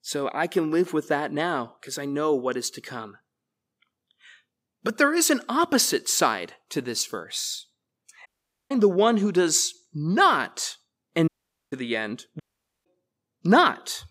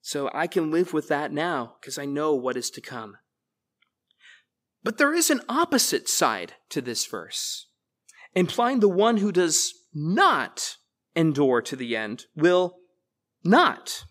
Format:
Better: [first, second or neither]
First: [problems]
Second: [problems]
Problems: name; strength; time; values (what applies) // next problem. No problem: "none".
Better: second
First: audio cutting out; at 8.5 s, at 11 s and at 12 s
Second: none